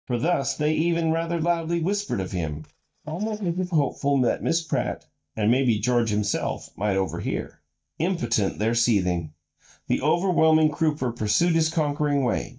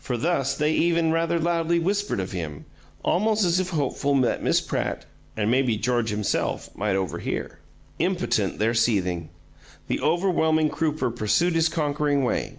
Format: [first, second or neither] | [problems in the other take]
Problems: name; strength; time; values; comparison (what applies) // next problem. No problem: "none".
second | noise reduction (neural mask model DeepFilterNet 3)